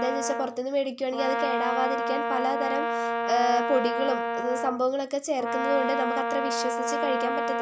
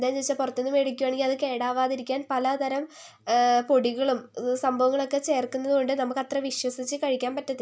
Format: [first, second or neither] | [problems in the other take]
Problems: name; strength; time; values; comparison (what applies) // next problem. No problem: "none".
second | background sound (Brass instrument); as loud as the speech